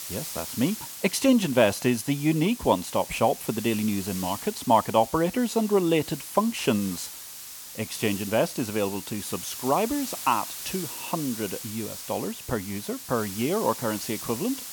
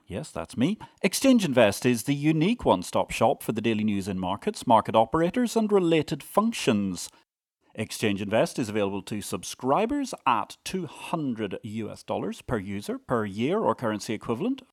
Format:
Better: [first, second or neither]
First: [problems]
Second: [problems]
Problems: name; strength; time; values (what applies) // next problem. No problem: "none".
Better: second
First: hiss; loud; throughout; 9 dB below the speech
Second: none